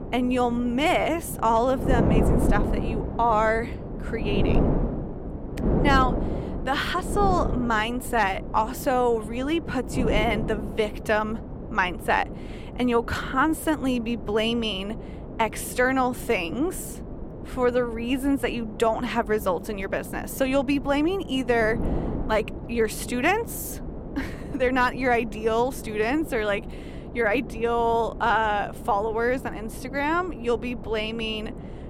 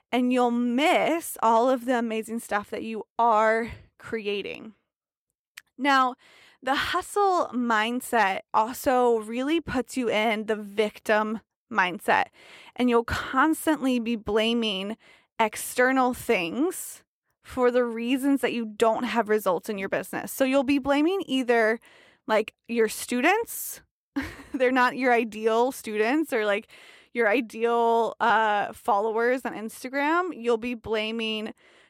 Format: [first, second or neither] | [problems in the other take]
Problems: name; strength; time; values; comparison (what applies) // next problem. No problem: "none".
second | wind noise on the microphone; occasional gusts; 10 dB below the speech